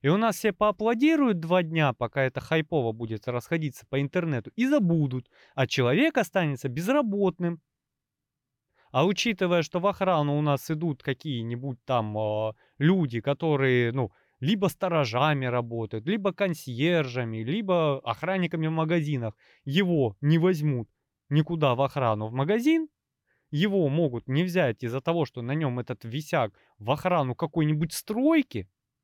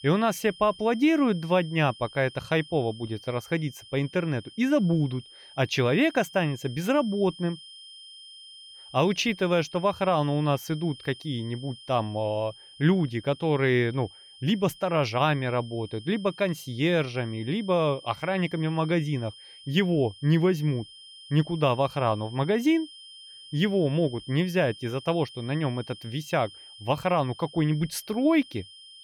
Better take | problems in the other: first | high-pitched whine; noticeable; throughout; 3 kHz, 20 dB below the speech

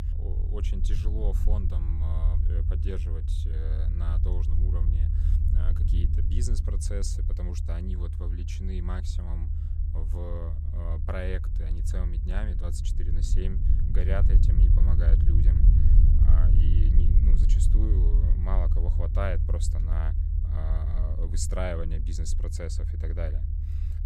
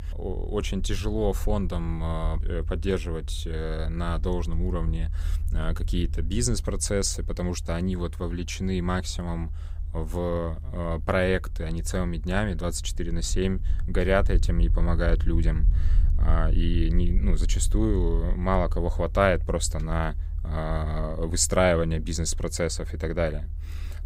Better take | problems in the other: second | low rumble; loud; throughout; 4 dB below the speech; faint in the second

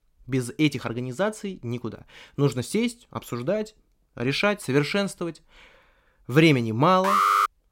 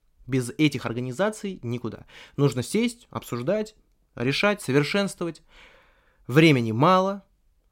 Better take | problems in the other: second | alarm; loud; at 7 s; peak 5 dB above the speech

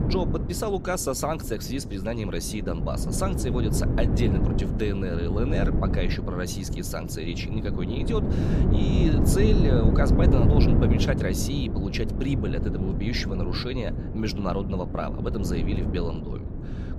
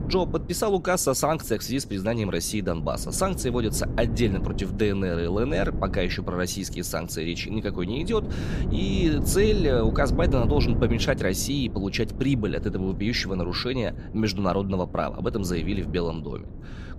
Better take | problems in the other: second | wind noise on the microphone; heavy; 3 dB below the speech; occasional gusts in the second

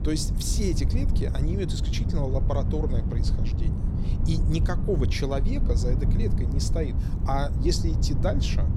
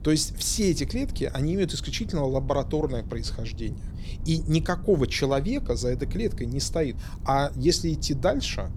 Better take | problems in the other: second | wind noise on the microphone; heavy; 7 dB below the speech; occasional gusts in the second

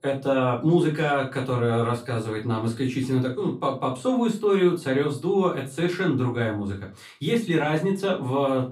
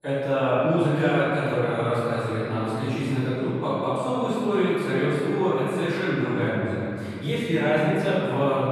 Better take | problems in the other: first | room echo; strong; dies away in 2.7 s; slight in the first // off-mic speech; far; far in the first

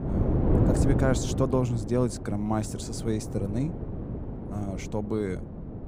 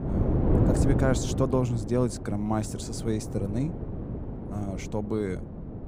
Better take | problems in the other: neither | wind noise on the microphone; heavy; 4 dB below the speech; the same in both

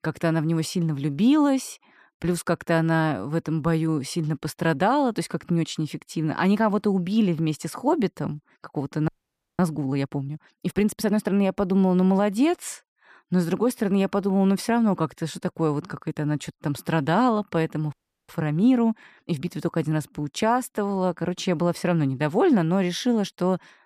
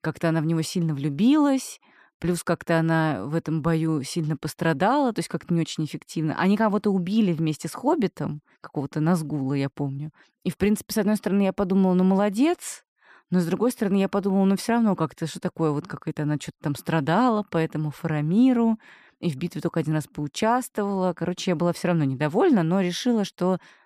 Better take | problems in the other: second | audio freezing; at 9 s for 0.5 s and at 18 s

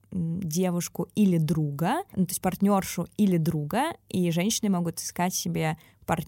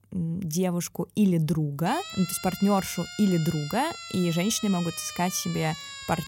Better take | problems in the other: first | siren; noticeable; from 2 s on; peak 10 dB below the speech

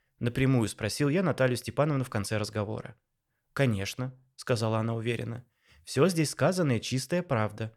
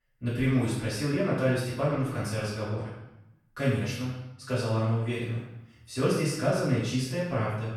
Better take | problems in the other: first | off-mic speech; far // room echo; noticeable; dies away in 0.8 s

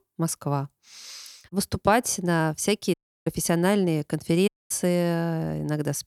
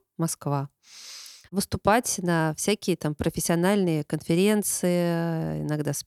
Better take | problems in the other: second | audio cutting out; at 3 s and at 4.5 s

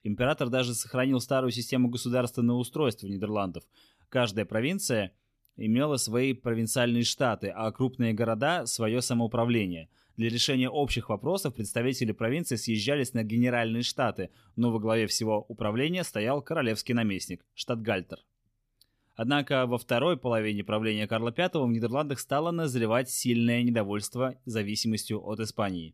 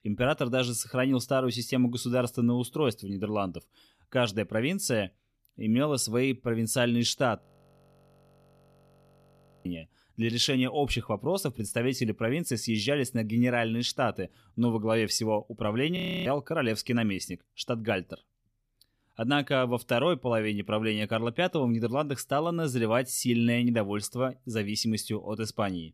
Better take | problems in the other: first | audio freezing; at 7.5 s for 2 s and at 16 s

